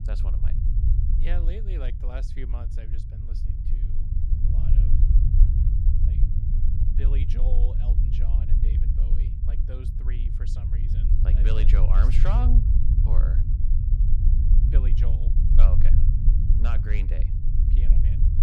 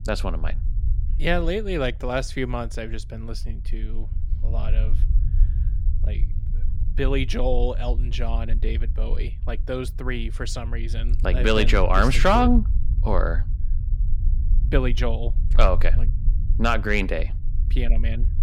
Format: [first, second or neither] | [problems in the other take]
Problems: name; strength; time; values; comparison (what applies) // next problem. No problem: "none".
second | low rumble; loud; throughout; 2 dB below the speech; faint in the second